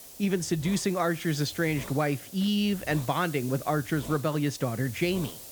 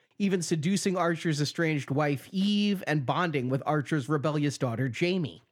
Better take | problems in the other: second | hiss; noticeable; throughout; 15 dB below the speech

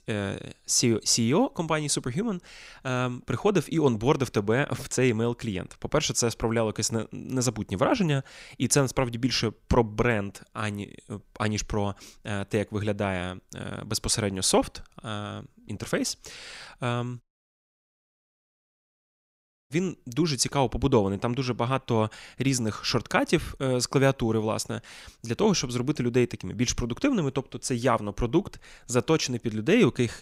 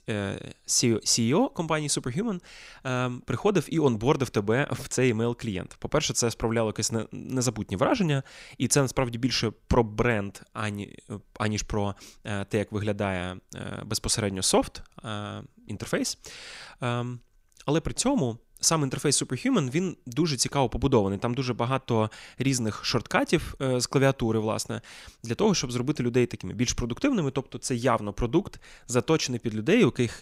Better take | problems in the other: second | audio cutting out; at 17 s for 2.5 s

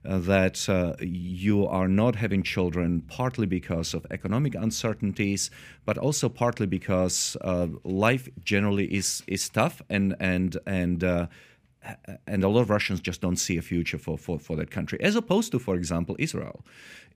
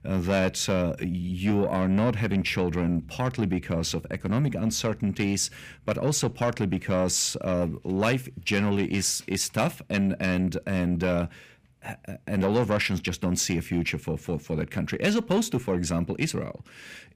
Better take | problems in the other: first | distortion; slight; 10 dB below the speech

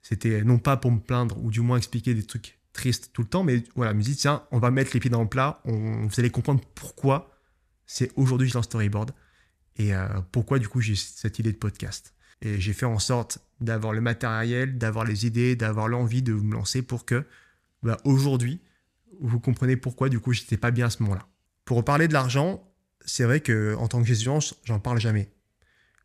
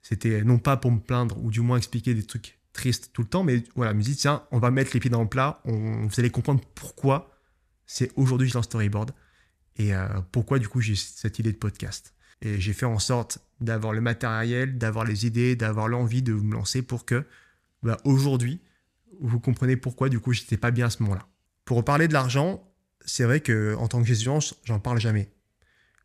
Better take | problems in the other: neither | none

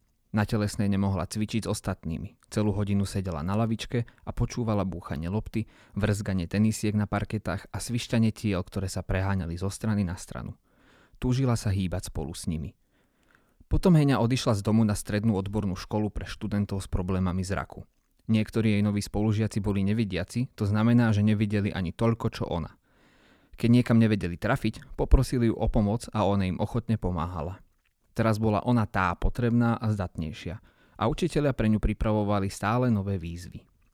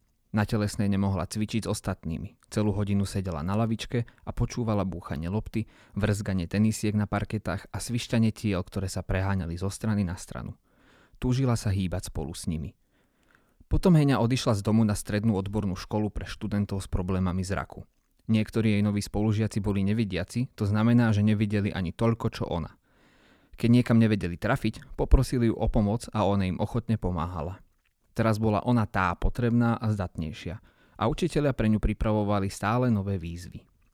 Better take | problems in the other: neither | none

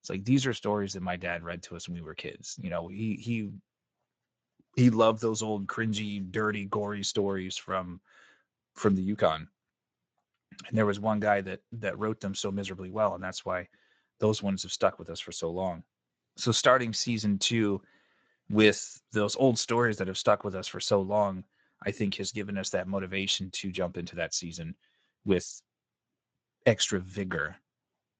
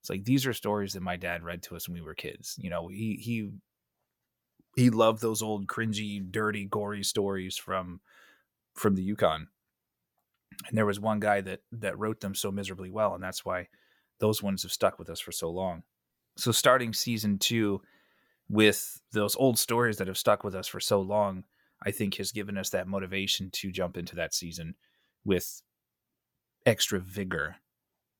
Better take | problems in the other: second | garbled, watery; slightly; nothing above 7.5 kHz

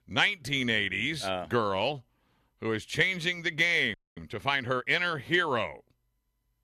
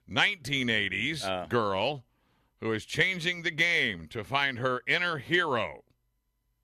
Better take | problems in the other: second | audio freezing; at 4 s

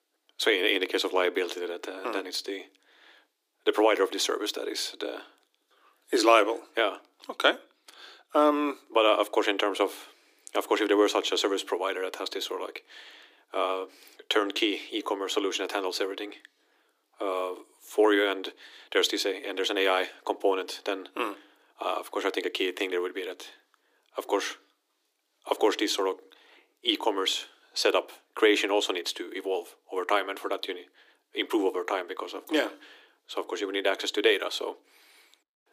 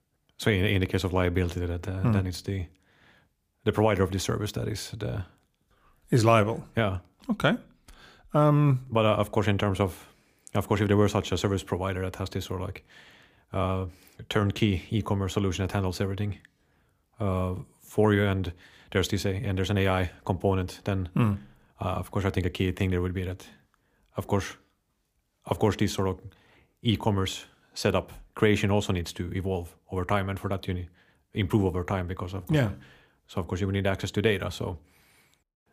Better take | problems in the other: second | thin; very; fading below 300 Hz

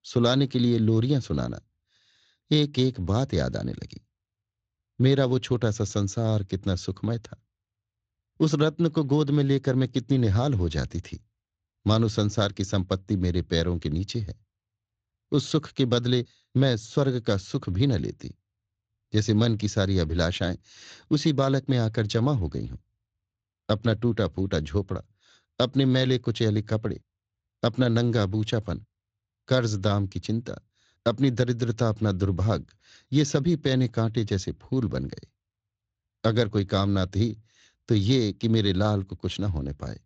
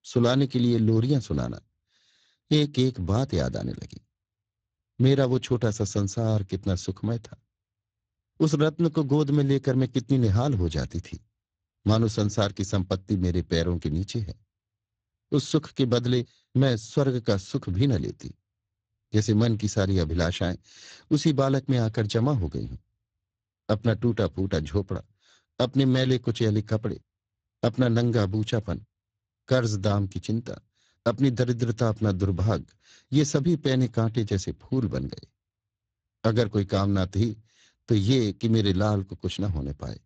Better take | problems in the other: first | garbled, watery; badly; nothing above 17.5 kHz; slightly in the first

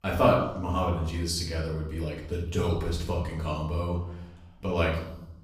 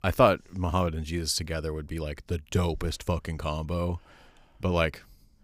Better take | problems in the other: second | off-mic speech; far // room echo; noticeable; dies away in 0.7 s

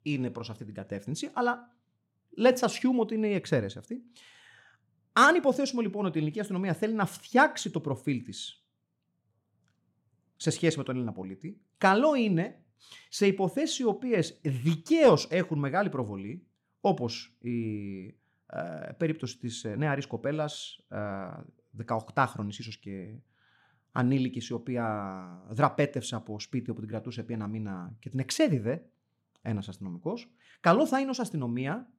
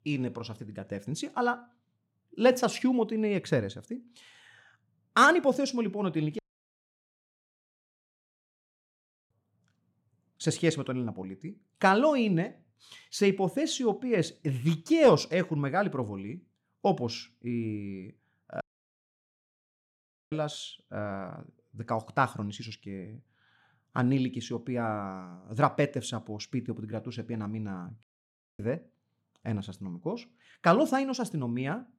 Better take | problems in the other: first | audio cutting out; at 6.5 s for 3 s, at 19 s for 1.5 s and at 28 s for 0.5 s

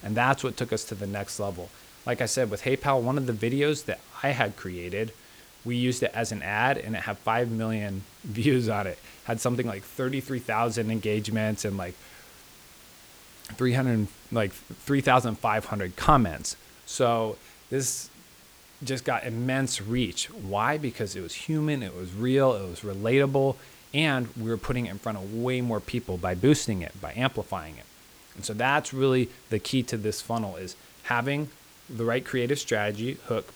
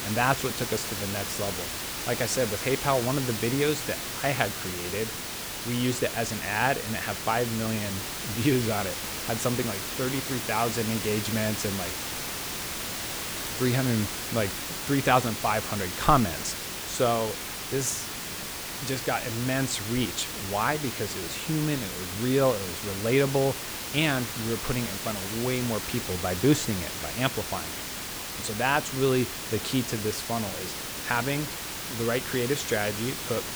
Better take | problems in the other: first | hiss; loud; throughout; 4 dB below the speech; faint in the first

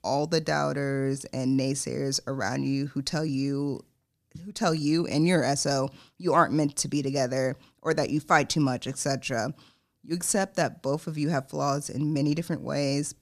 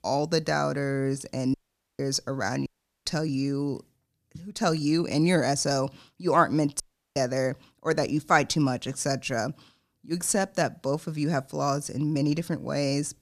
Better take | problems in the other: first | audio cutting out; at 1.5 s, at 2.5 s and at 7 s

